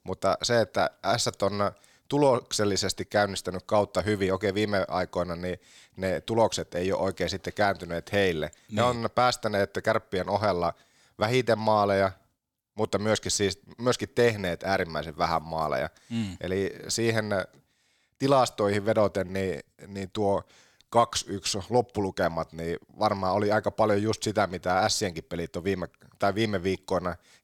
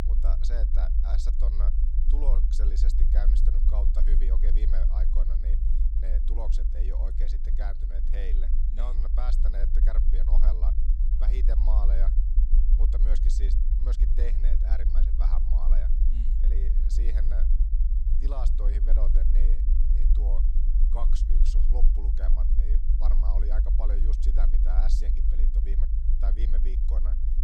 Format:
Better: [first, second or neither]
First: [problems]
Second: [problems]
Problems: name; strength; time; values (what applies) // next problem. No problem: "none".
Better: first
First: none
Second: low rumble; loud; throughout; 4 dB below the speech